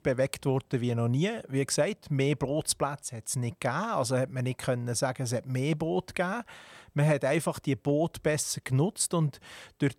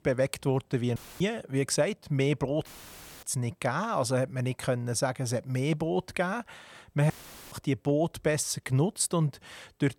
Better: first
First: none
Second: audio cutting out; filled with static; at 1 s, at 2.5 s for 0.5 s and at 7 s

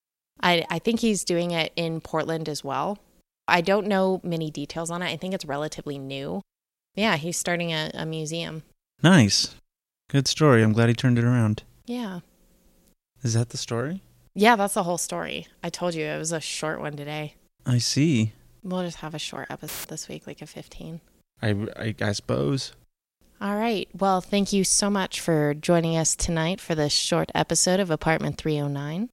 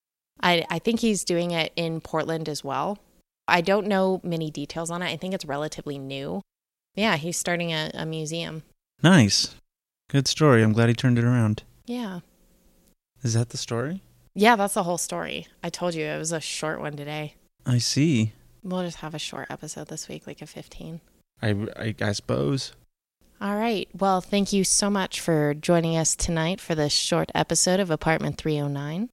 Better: second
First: audio cutting out; filled with static; at 20 s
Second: none

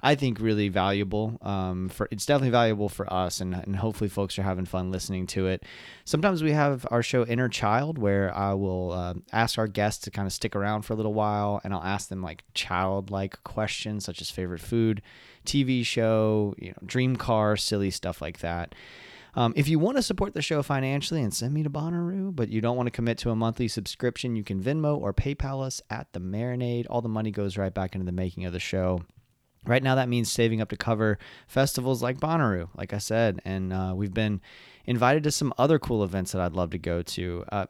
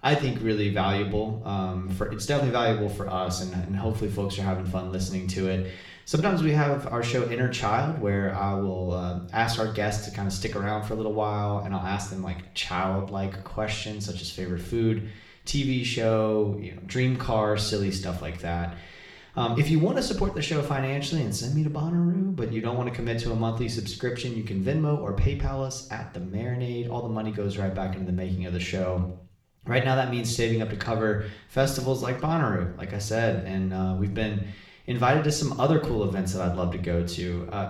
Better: first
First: none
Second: room echo; slight; dies away in 0.5 s // off-mic speech; somewhat distant

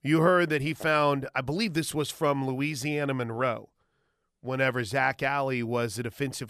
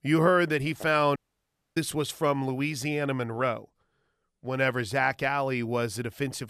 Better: first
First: none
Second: audio cutting out; at 1 s for 0.5 s

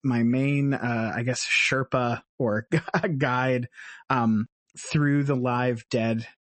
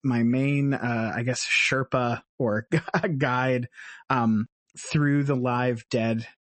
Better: neither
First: garbled, watery; slightly; nothing above 8 kHz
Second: garbled, watery; slightly; nothing above 8 kHz

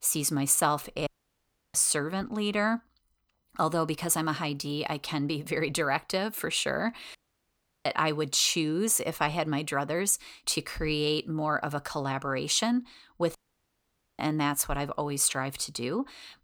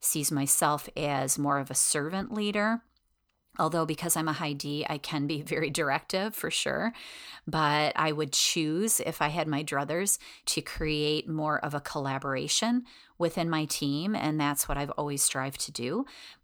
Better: second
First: audio cutting out; at 1 s for 0.5 s, at 7 s for 0.5 s and at 13 s for 1 s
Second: none

